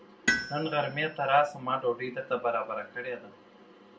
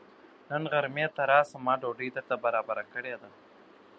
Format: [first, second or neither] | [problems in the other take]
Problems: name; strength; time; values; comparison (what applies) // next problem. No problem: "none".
second | background sound (Tools); 6 dB below the speech // room echo; dies away in 0.2 s